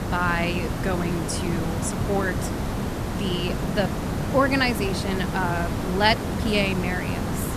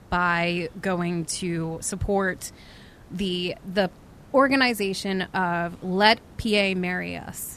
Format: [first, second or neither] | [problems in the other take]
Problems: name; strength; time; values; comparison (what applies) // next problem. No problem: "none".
second | hiss; loud; throughout; 2 dB below the speech; faint in the second